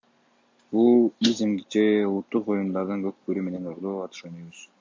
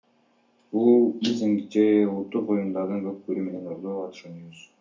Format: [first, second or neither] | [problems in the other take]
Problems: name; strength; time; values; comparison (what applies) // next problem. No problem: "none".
first | room echo; dies away in 0.3 s